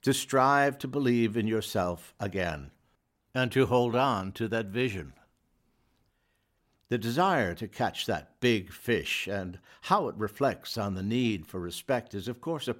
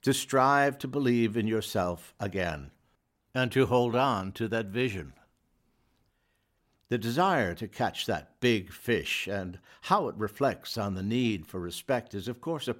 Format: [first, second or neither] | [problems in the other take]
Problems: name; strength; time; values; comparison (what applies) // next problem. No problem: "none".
neither | none